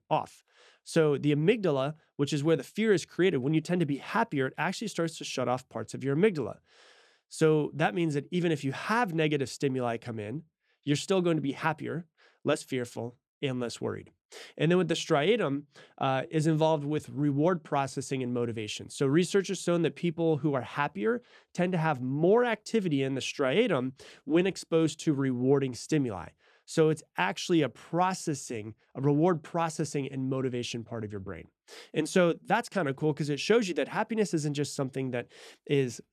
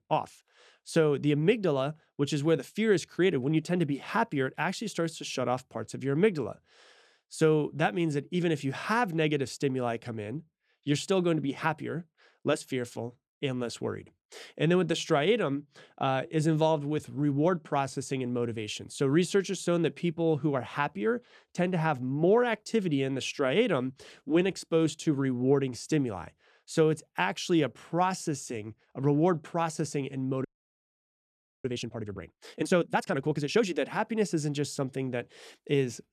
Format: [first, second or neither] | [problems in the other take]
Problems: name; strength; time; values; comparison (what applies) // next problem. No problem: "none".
first | audio freezing; at 30 s for 1 s